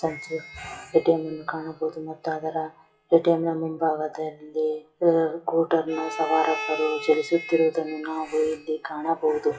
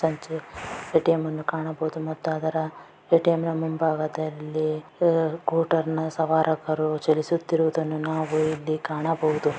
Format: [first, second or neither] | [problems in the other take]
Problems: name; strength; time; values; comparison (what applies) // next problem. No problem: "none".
second | noise reduction (classical method WPE with log-MMSE)